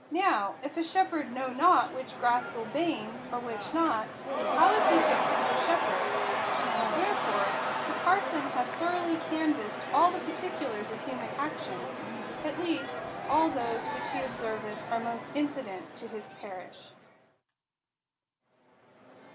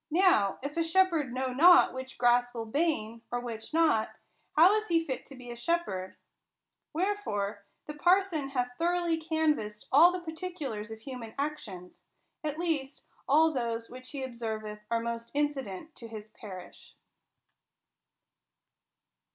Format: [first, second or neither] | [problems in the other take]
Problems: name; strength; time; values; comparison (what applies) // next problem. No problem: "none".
second | background sound (Crowd / Cheering); 2 dB below the speech